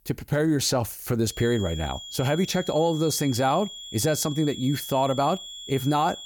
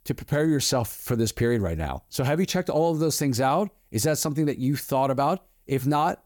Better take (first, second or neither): second